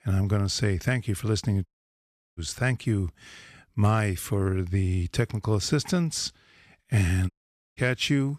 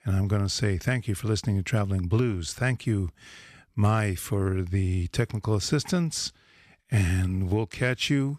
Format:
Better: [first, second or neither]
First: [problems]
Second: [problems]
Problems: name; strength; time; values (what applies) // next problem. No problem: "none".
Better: second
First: audio cutting out; at 1.5 s for 0.5 s and at 7.5 s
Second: none